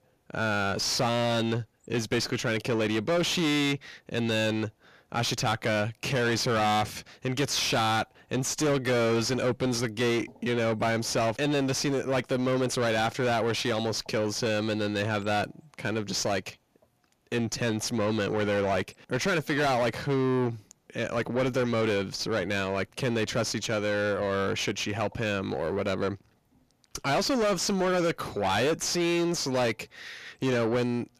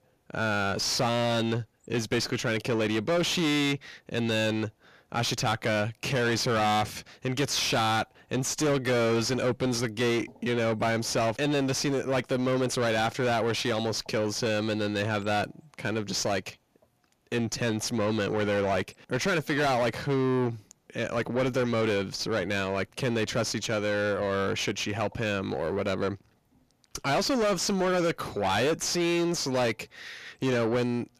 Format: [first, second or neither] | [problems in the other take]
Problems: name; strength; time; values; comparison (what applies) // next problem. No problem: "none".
neither | distortion; heavy; 6 dB below the speech; the same in both